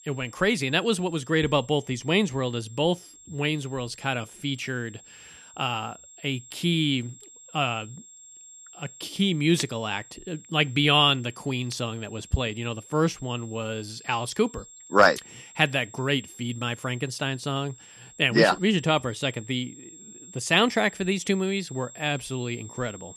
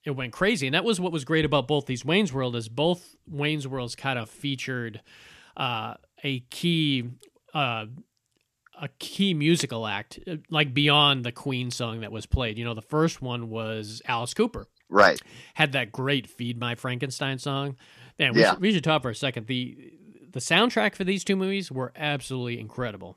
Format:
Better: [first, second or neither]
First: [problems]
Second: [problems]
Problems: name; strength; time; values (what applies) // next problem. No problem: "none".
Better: second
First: high-pitched whine; faint; throughout; 7.5 kHz, 20 dB below the speech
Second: none